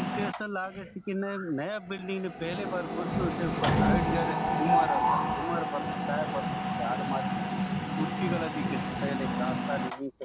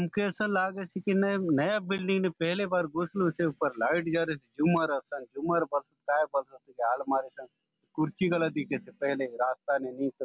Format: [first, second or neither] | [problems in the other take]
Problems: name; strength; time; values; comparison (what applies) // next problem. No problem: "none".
second | background sound (Mechanisms); 5 dB above the speech